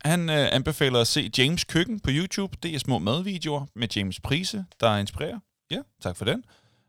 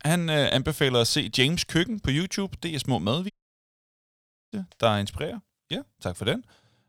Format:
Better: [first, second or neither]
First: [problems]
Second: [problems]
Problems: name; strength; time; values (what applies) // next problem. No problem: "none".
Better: first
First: none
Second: audio cutting out; at 3.5 s for 1 s